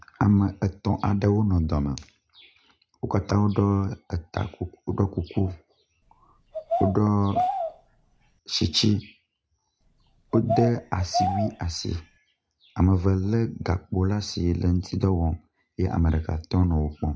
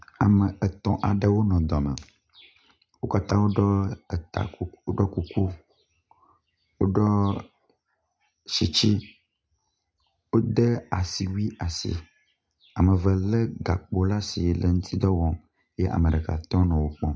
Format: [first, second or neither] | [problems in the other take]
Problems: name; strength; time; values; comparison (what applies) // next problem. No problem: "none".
second | background sound (Bird vocalization, bird call, bird song); 5 dB below the speech